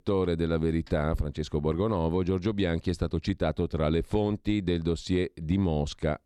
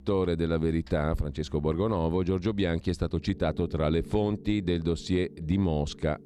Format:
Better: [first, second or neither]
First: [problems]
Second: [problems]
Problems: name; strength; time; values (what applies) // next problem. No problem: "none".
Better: first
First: none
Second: background music; noticeable; throughout; 20 dB below the speech